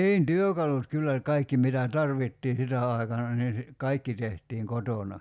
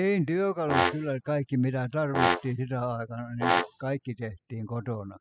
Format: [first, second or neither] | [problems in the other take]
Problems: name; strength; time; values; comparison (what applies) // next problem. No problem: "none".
first | noise reduction (classical method spectral subtraction)